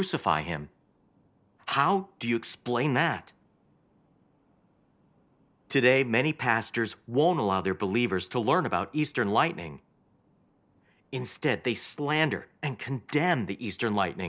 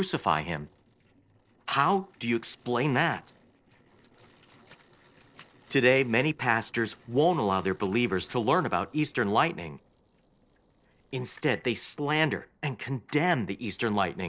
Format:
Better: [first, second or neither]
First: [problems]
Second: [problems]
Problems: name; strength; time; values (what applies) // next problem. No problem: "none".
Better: first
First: none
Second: noise reduction (neural separator model SepFormer DNS4)